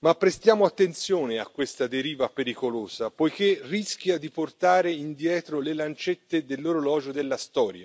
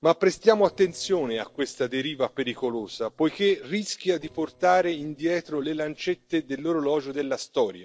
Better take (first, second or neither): first